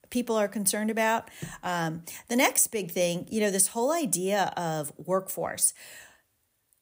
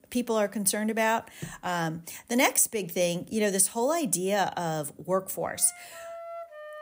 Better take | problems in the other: first | background music; noticeable; throughout; 20 dB below the speech

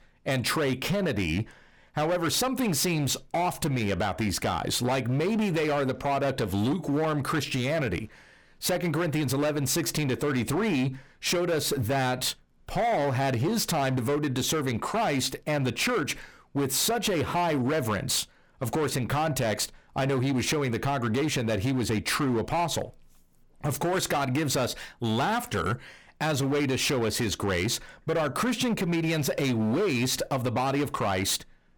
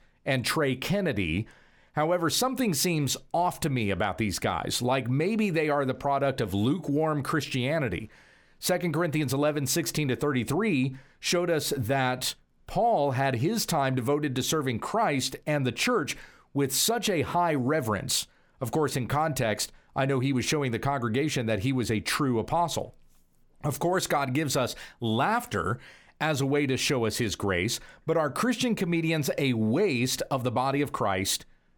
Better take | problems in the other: second | distortion; slight; 18% of the sound clipped

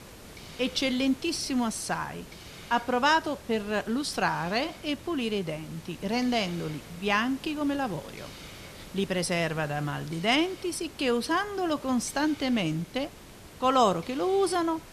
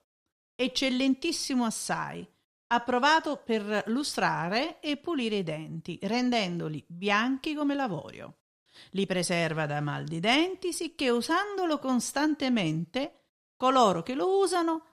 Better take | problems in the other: second | hiss; noticeable; throughout; 15 dB below the speech

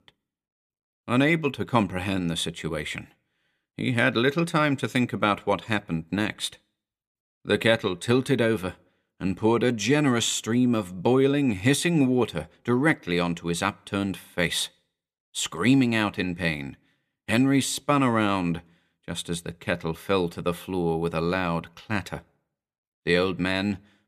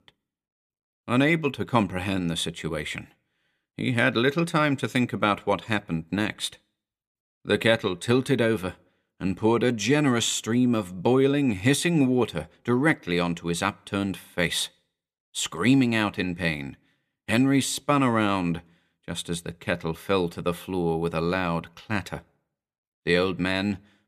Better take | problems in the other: neither | none

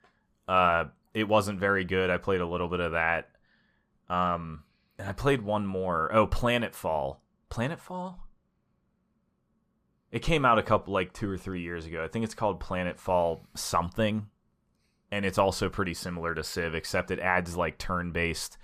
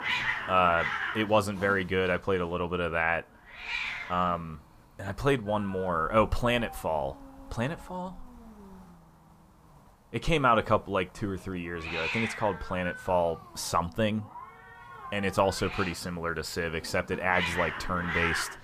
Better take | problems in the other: first | hiss; loud; throughout; 6 dB below the speech

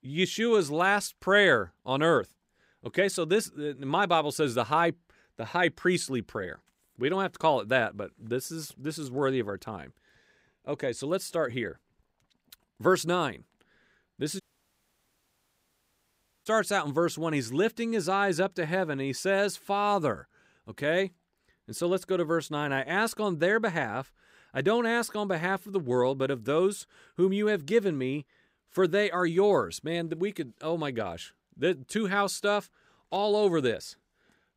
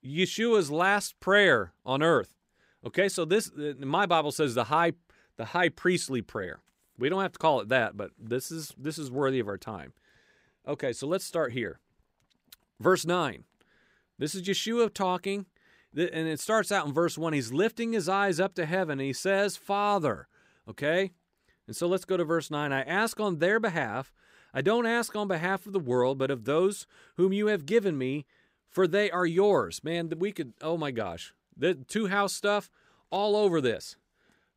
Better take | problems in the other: second | audio cutting out; at 14 s for 2 s

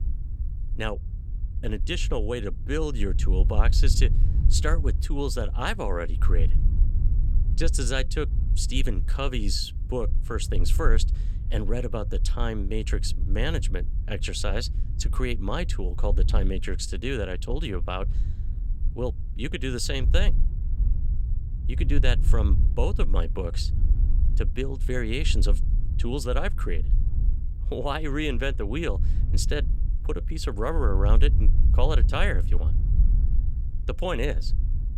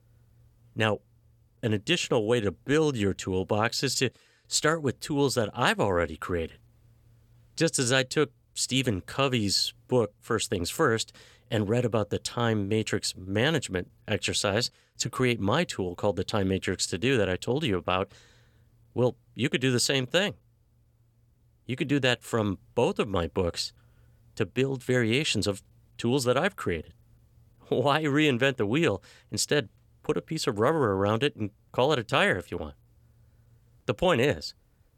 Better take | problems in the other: second | wind noise on the microphone; occasional gusts; 15 dB below the speech

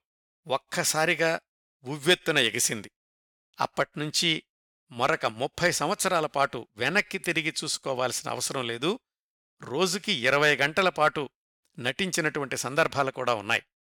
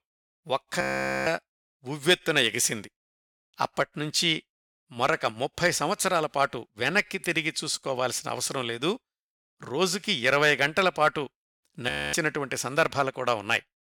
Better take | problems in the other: first | audio freezing; at 1 s and at 12 s

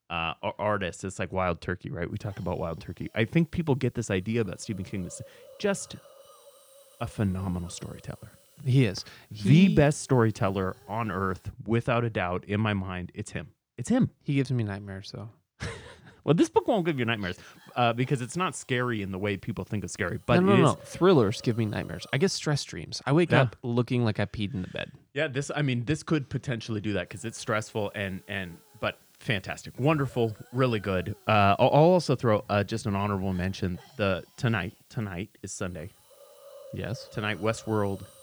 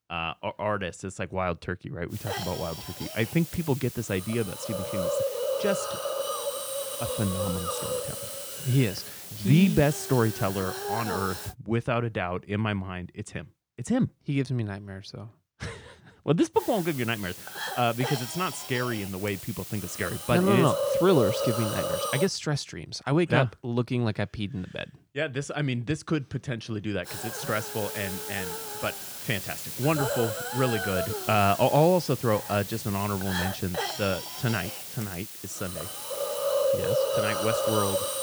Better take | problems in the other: first | hiss; loud; from 2 to 12 s, from 17 to 22 s and from 27 s on; 3 dB below the speech; faint in the first

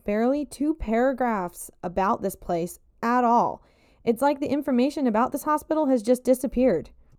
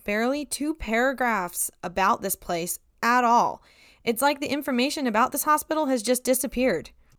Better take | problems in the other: second | muffled; slightly; fading above 1 kHz

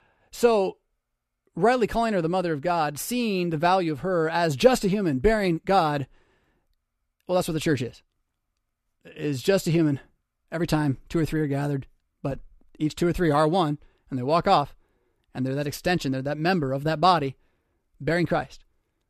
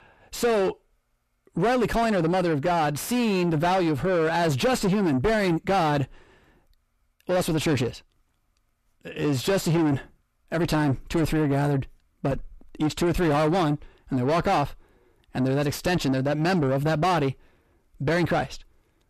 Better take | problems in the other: first | distortion; heavy; 7 dB below the speech

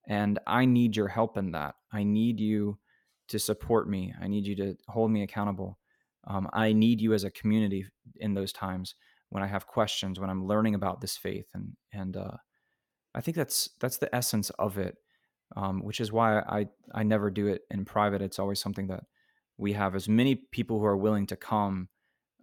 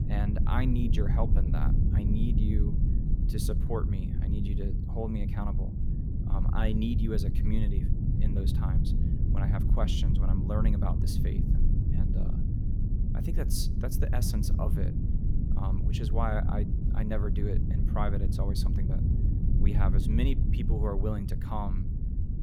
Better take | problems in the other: first | low rumble; loud; throughout; 4 dB below the speech

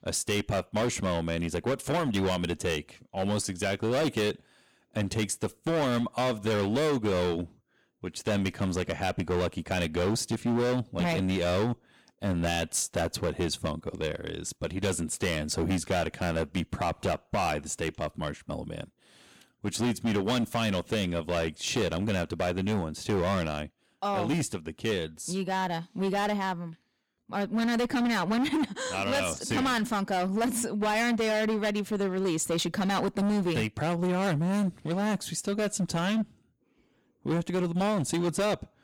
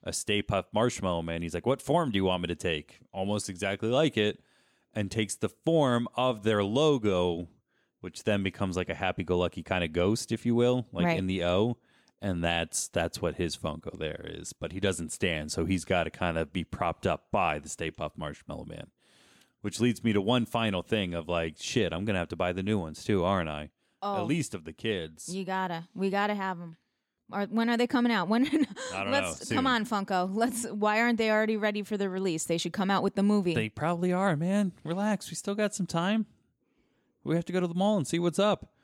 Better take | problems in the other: second | distortion; heavy; 16% of the sound clipped

